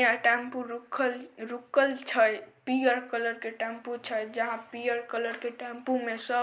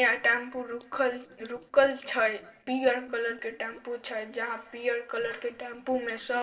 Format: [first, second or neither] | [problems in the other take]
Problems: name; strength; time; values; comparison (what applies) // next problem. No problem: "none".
first | noise reduction (neural separator model SepFormer DNS4)